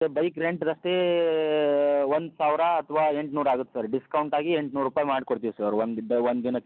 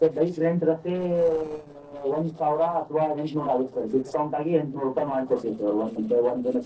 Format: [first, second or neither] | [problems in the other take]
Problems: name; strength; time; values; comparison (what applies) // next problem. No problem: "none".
first | noise reduction (neural separator model SepFormer DNS4)